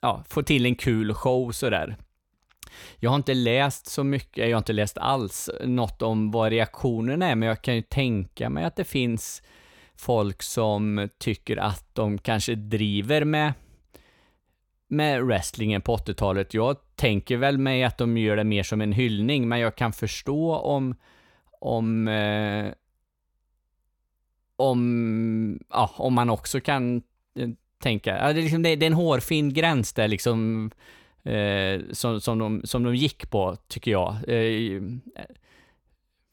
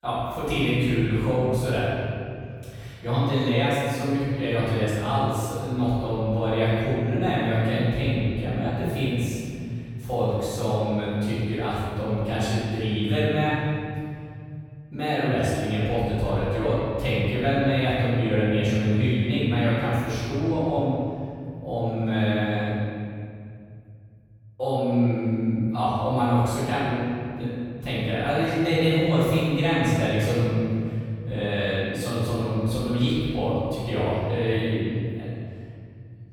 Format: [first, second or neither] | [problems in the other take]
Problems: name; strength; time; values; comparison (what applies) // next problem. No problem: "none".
first | off-mic speech; far // room echo; strong; dies away in 2.9 s